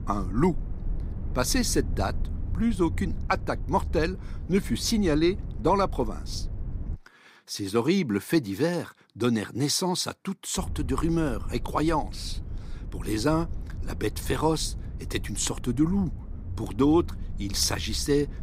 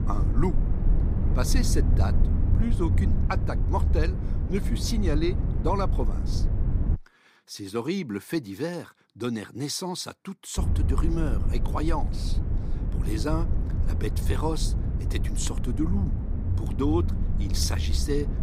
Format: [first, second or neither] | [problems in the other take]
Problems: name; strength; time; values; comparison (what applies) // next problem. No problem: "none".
first | low rumble; loud; until 7 s and from 11 s on; 8 dB below the speech; faint in the first